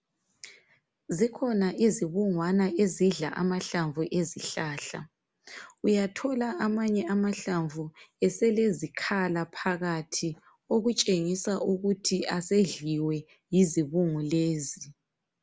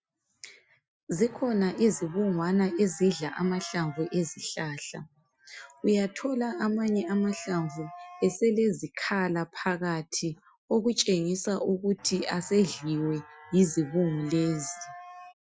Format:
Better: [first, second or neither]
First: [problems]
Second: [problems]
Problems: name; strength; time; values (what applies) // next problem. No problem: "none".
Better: first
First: none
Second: noise reduction (classical method Wiener filter)